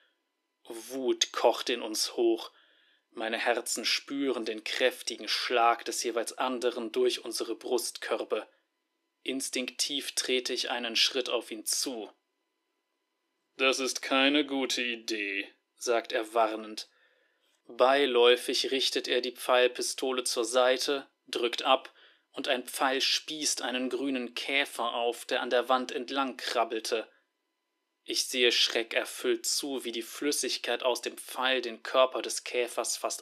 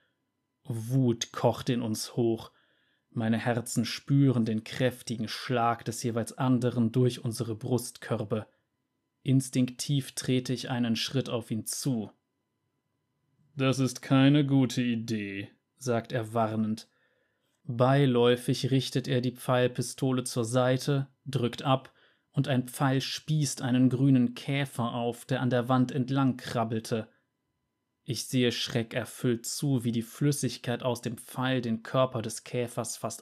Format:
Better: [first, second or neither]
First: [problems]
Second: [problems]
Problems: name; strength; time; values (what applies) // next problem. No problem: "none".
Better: second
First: thin; very; fading below 350 Hz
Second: none